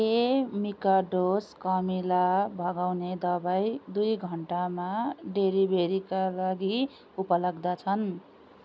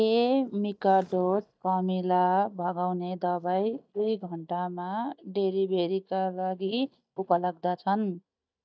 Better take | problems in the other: first | noise reduction (neural mask model DeepFilterNet 3)

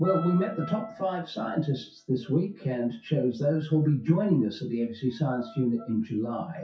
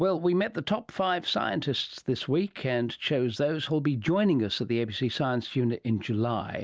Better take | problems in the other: second | noise reduction (classical method WPE with log-MMSE)

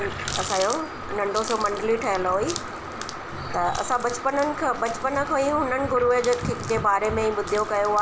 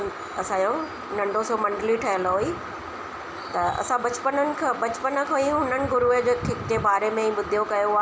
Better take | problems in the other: second | background sound (Water tap, faucet); 12 dB below the speech

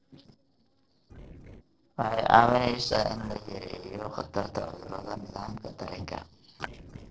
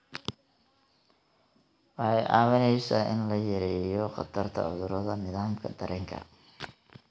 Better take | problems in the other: second | noise reduction (neural separator model SepFormer DNS4)

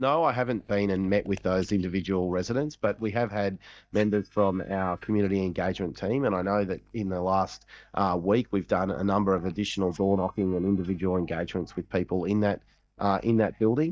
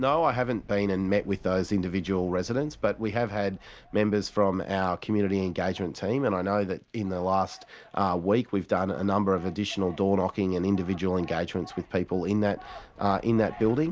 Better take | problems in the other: second | noise reduction (neural mask model DeepFilterNet 3)

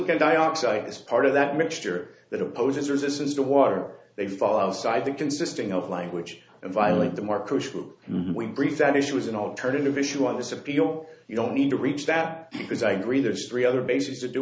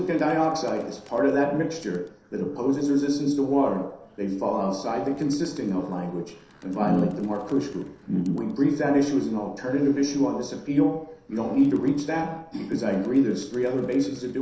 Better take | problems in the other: first | noise reduction (neural separator model SepFormer DNS4)

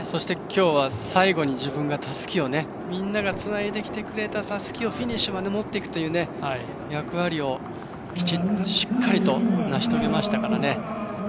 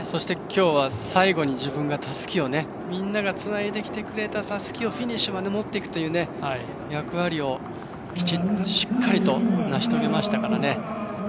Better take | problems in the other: second | background sound (Sink (filling or washing)); 20 dB below the speech

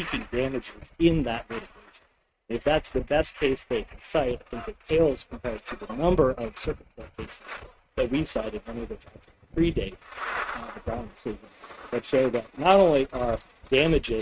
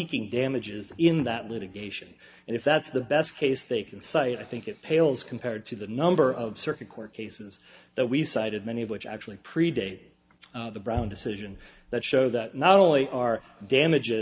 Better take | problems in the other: second | noise reduction (neural mask model RNNoise)

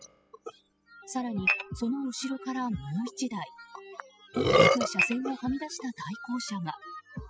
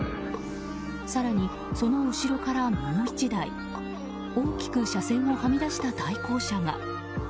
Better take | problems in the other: second | noise reduction (classical method spectral subtraction)

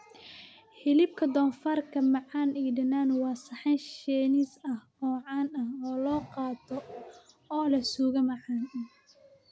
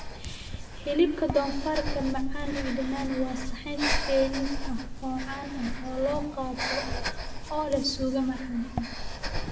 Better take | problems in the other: first | background sound (Breathing); 2 dB below the speech // room echo; dies away in 0.6 s

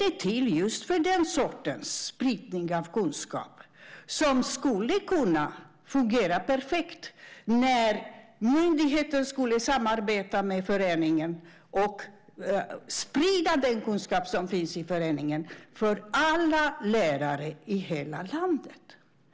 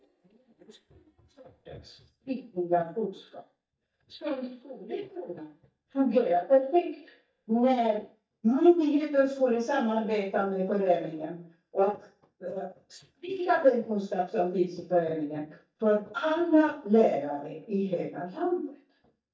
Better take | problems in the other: first | noise reduction (neural mask model DeepFilterNet 3)

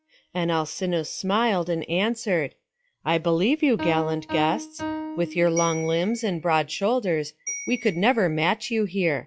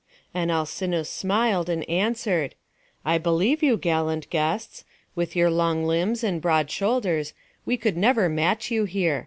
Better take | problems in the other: second | noise reduction (classical method log-MMSE)

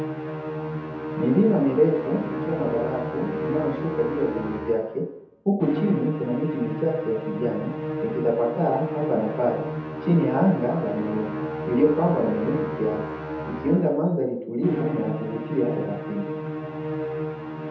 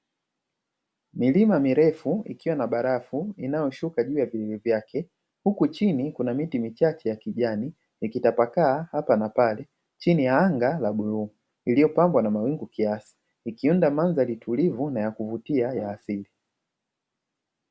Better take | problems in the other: second | background sound (Musical instrument); 5 dB below the speech // room echo; dies away in 0.7 s

